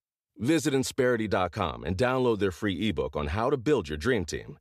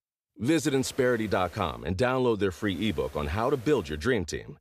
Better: first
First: none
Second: hiss; faint; from 0.5 to 2 s and from 2.5 to 4 s; 25 dB below the speech

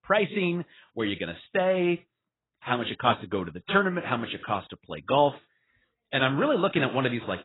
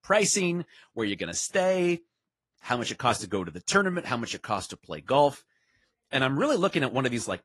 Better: second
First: garbled, watery; badly; nothing above 4 kHz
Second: garbled, watery; slightly; nothing above 11 kHz

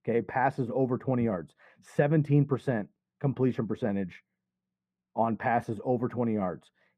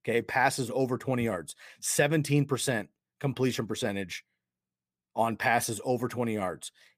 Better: second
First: muffled; very; fading above 3 kHz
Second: none

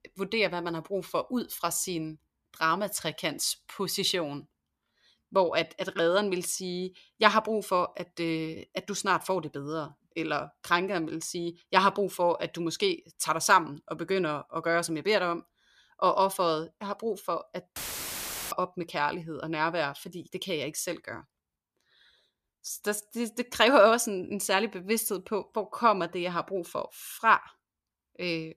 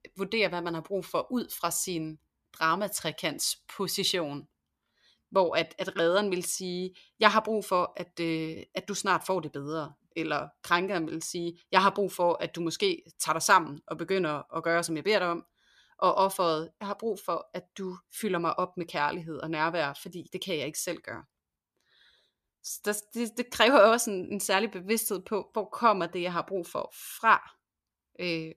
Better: second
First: audio cutting out; filled with static; at 18 s for 1 s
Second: none

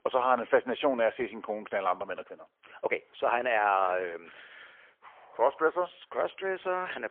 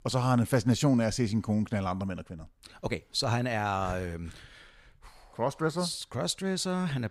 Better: second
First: phone-call audio; poor line; nothing above 3.5 kHz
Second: none

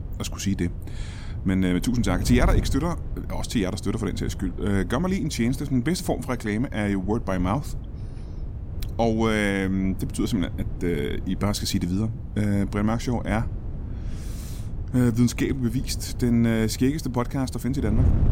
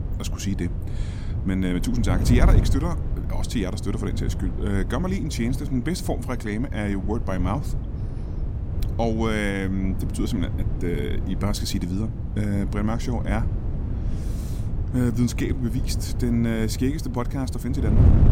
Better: first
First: wind noise on the microphone; occasional gusts; 15 dB below the speech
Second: wind noise on the microphone; heavy; 9 dB below the speech

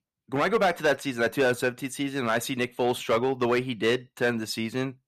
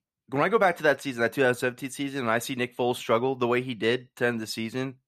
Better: second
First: distortion; slight; 4% of the sound clipped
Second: none

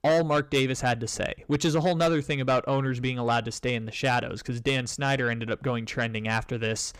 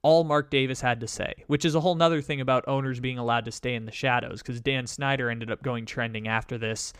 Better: second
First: distortion; slight; 10 dB below the speech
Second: none

